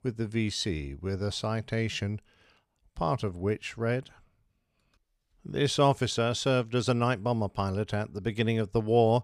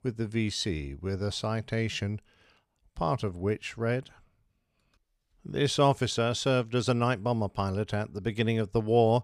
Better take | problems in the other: neither | none

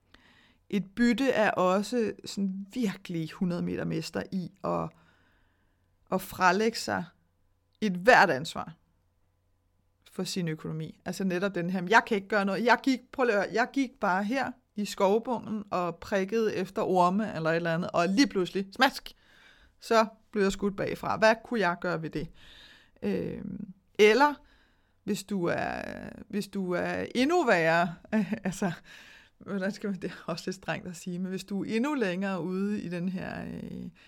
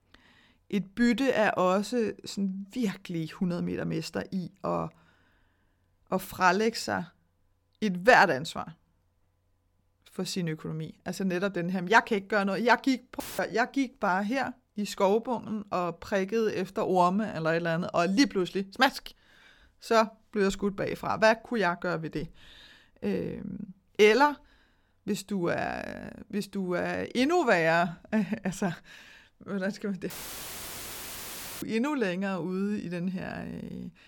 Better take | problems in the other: first | audio cutting out; filled with static; at 13 s and at 30 s for 1.5 s

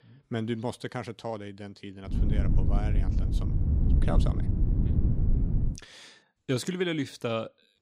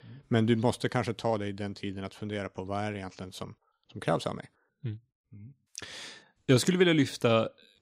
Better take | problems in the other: second | low rumble; loud; from 2 to 5.5 s; 5 dB below the speech

